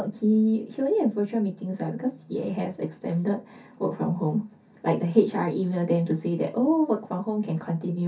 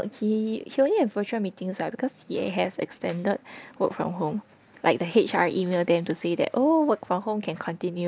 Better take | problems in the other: second | room echo; dies away in 0.3 s

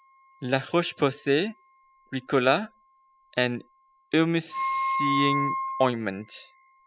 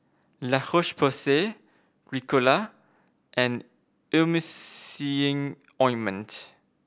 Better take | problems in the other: second | noise reduction (classical method spectral subtraction)

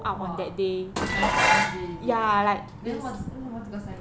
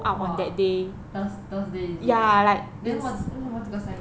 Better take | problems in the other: second | background sound (Dishes, pots, and pans); 1 dB above the speech

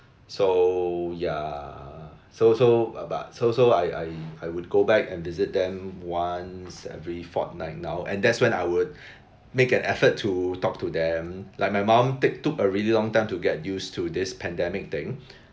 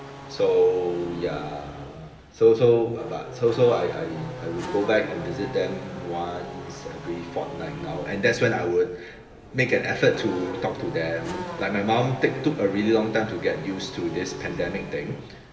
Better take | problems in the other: first | background sound (Race car, auto racing / Accelerating, revving, vroom); 12 dB below the speech // room echo; dies away in 2.9 s

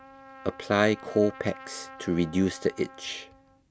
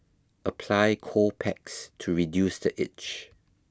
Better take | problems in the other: second | background sound (Trumpet); 19 dB below the speech

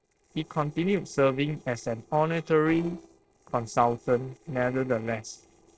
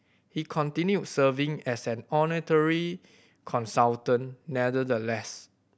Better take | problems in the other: second | noise reduction (neural separator model SepFormer DNS4)

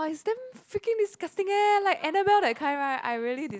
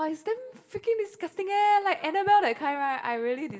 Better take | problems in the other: first | room echo; dies away in 1 s

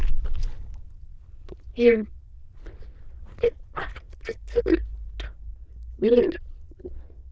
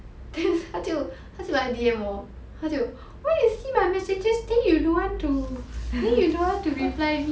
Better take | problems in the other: second | noise reduction (neural diffusion model UNIVERSE++)

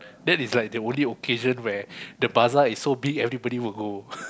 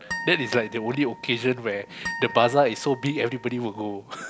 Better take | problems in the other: first | background sound (Harp); 13 dB below the speech

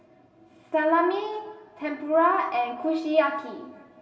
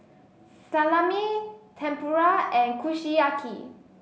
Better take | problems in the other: second | room echo; dies away in 2.4 s

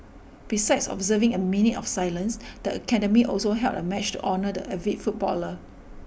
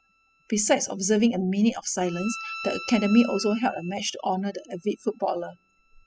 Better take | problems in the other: first | noise reduction (classical method spectral subtraction)

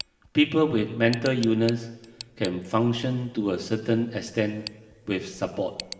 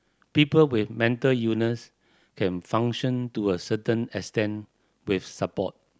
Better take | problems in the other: second | background sound (Tick); 18 dB below the speech // room echo; dies away in 2.4 s

